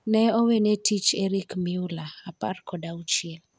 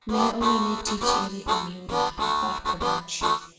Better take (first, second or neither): first